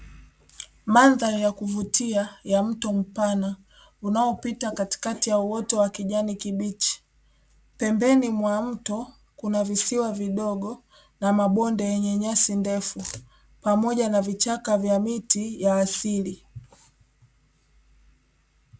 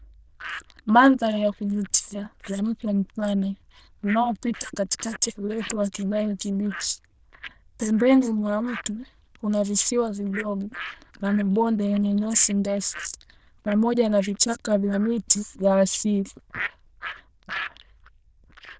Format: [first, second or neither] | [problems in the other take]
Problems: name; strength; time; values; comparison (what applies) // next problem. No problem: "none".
first | noise reduction (neural diffusion model UNIVERSE++)